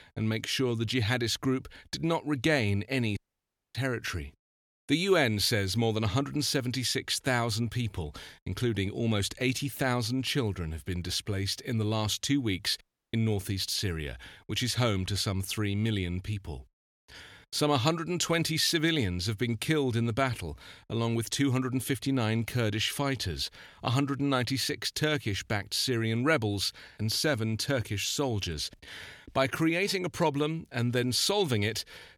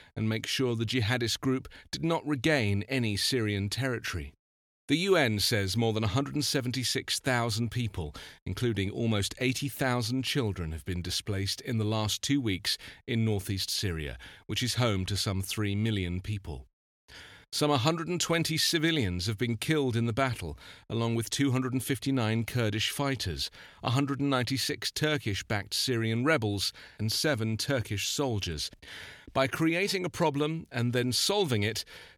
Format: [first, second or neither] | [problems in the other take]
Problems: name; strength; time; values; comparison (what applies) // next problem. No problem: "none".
second | audio cutting out; at 3 s for 0.5 s and at 13 s